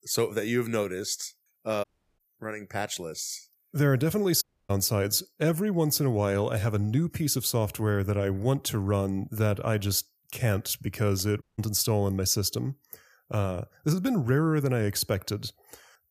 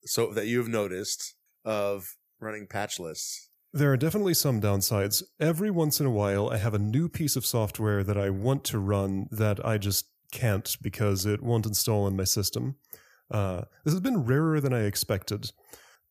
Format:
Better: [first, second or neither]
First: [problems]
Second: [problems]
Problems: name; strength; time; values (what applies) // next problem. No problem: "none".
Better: second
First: audio cutting out; at 2 s, at 4.5 s and at 11 s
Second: none